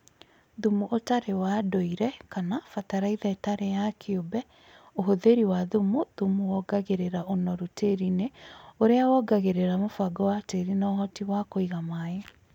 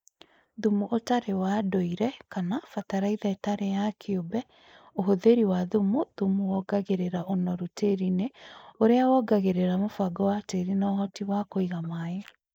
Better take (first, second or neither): first